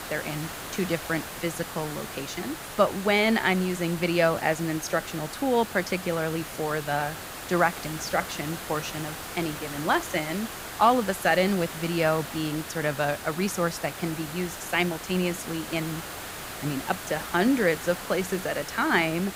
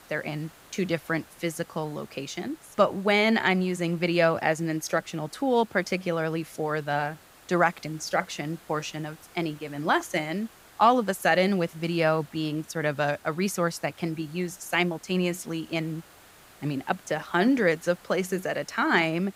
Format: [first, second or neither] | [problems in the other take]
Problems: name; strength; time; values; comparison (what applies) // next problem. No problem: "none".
second | hiss; loud; throughout; 9 dB below the speech; faint in the second